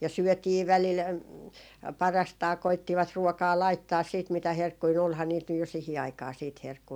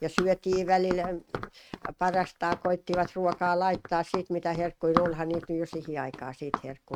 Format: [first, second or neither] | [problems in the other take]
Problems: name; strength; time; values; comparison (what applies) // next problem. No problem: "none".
first | noise reduction (neural mask model RNNoise)